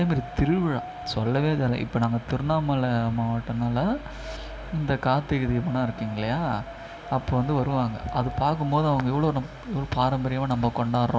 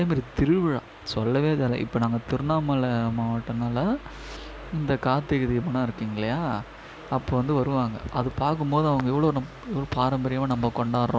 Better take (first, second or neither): second